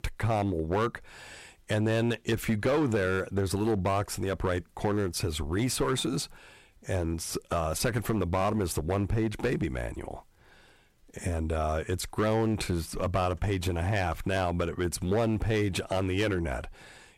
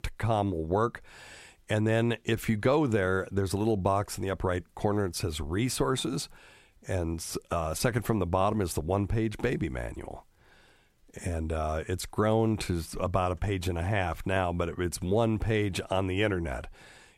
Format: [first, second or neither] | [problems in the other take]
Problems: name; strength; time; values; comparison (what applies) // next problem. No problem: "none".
second | distortion; slight; 6% of the sound clipped